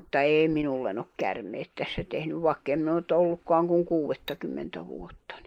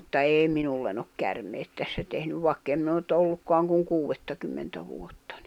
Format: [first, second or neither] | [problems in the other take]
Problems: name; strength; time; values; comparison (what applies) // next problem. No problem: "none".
second | noise reduction (neural mask model Resemble Enhance denoiser)